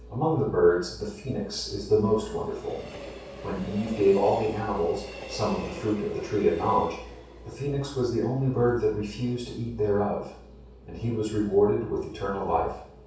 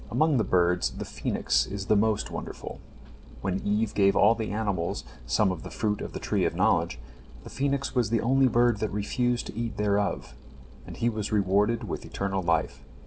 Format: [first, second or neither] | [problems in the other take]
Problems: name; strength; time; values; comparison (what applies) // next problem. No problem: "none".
second | background sound (Train); 18 dB below the speech // room echo; dies away in 0.6 s